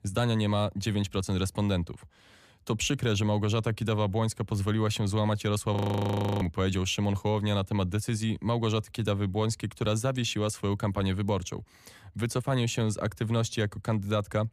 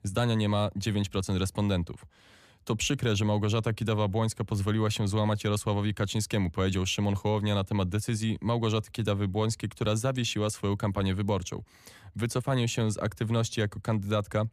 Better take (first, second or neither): second